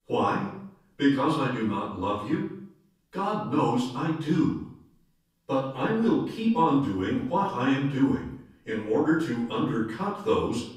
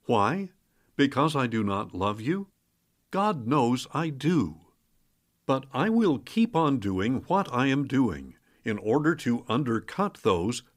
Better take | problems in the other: second | off-mic speech; far // room echo; noticeable; dies away in 0.6 s

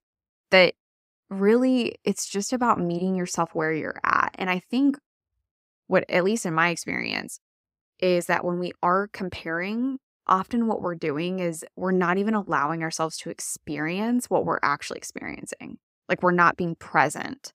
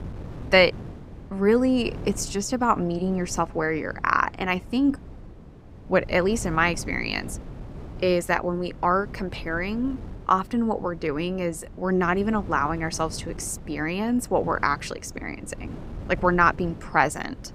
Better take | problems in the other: first | wind noise on the microphone; occasional gusts; 25 dB below the speech

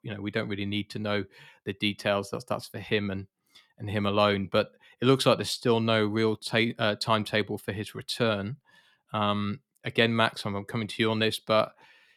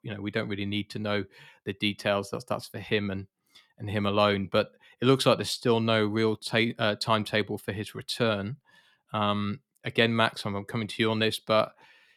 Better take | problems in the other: neither | none

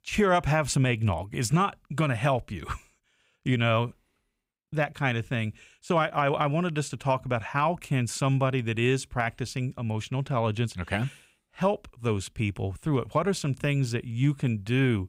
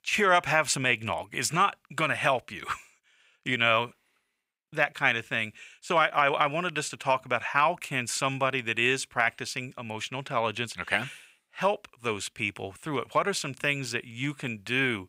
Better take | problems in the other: first | thin; somewhat; fading below 700 Hz

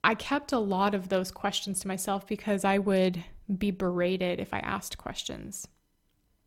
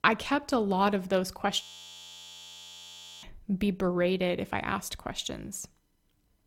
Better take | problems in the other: first | audio freezing; at 1.5 s for 1.5 s

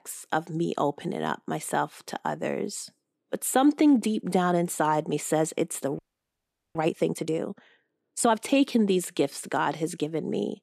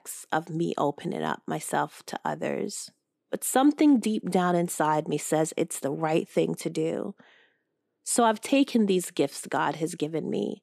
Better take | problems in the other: second | audio freezing; at 6 s for 1 s

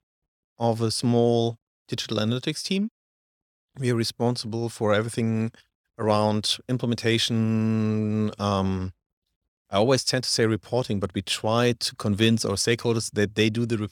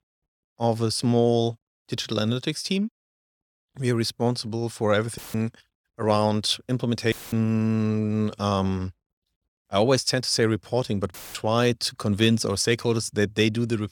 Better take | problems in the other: first | audio cutting out; filled with static; at 5 s, at 7 s and at 11 s

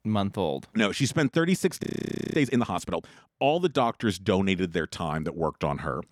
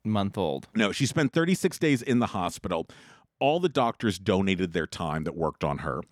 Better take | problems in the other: second | audio freezing; at 2 s for 0.5 s

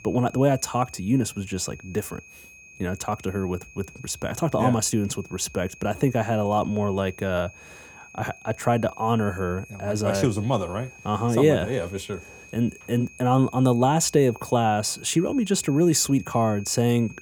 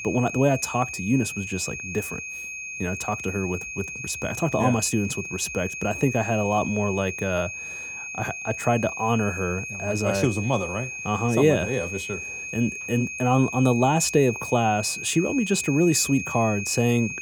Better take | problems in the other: first | high-pitched whine; loud; throughout; 2.5 kHz, 7 dB below the speech; faint in the first

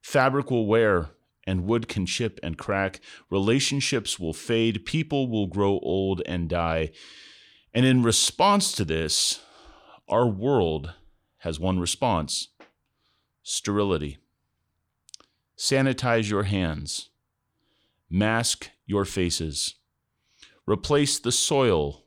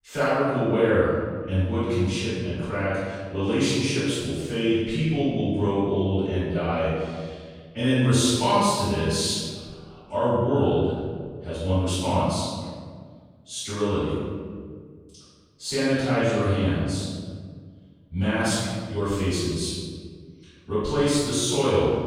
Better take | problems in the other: first | off-mic speech; far // room echo; strong; dies away in 1.7 s

